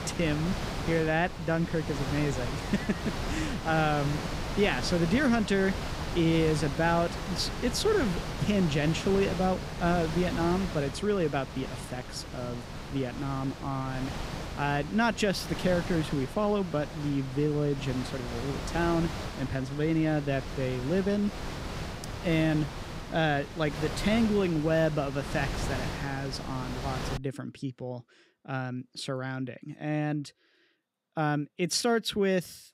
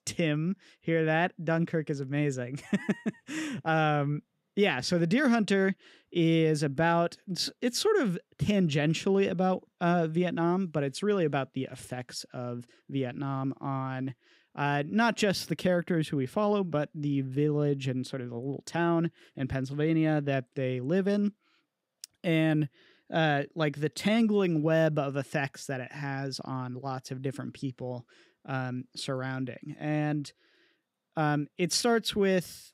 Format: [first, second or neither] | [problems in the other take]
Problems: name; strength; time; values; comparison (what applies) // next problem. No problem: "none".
second | wind noise on the microphone; heavy; until 27 s; 7 dB below the speech